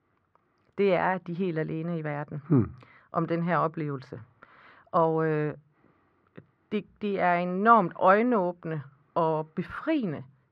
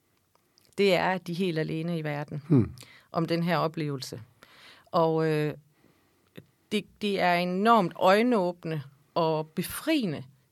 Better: second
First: muffled; very; fading above 1.5 kHz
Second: none

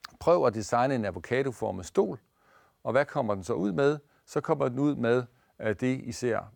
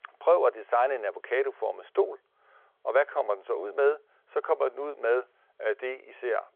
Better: first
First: none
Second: phone-call audio

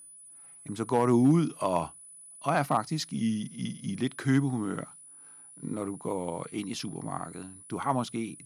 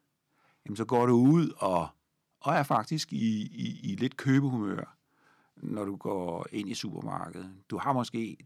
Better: second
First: high-pitched whine; noticeable; throughout; 10 kHz, 20 dB below the speech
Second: none

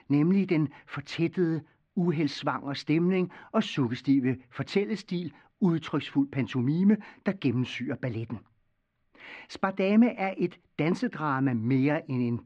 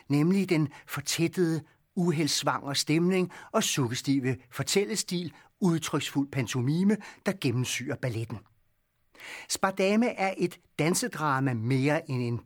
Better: second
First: muffled; slightly; fading above 3.5 kHz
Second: none

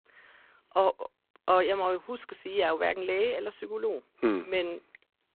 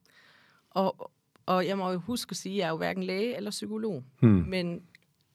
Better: second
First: phone-call audio; poor line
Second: none

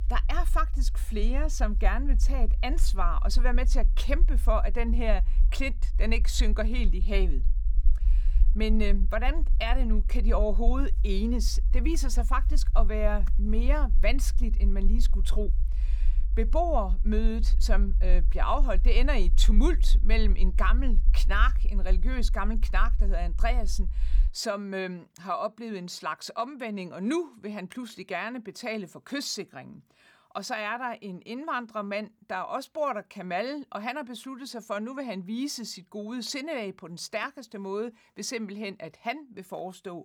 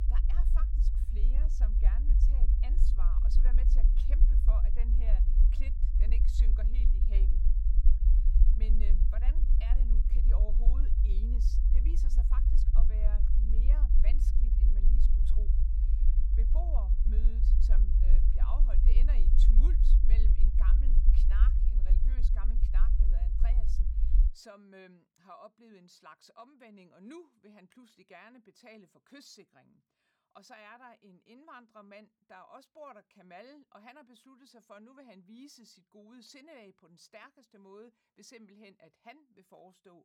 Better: first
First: low rumble; faint; until 24 s; 20 dB below the speech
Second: low rumble; loud; until 24 s; 1 dB below the speech

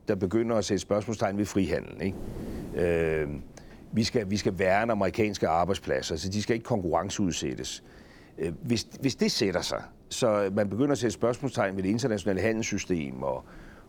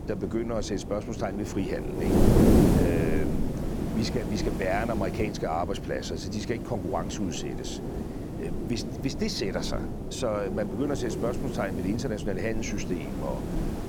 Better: first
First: wind noise on the microphone; occasional gusts; 25 dB below the speech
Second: wind noise on the microphone; heavy; 1 dB below the speech

